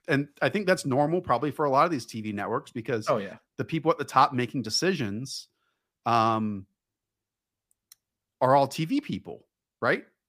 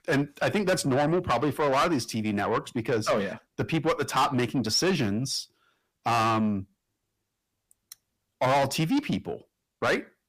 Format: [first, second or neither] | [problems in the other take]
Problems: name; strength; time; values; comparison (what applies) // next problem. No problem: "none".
first | distortion; heavy; 6 dB below the speech